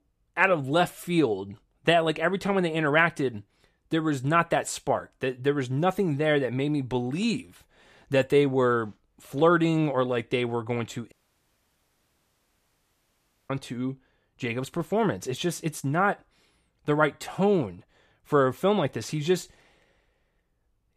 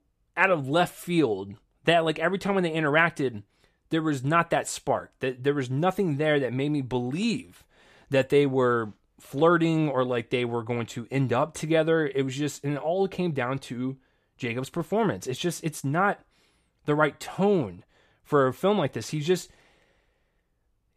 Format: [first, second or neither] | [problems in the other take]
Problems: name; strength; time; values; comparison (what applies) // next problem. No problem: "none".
second | audio cutting out; at 11 s for 2.5 s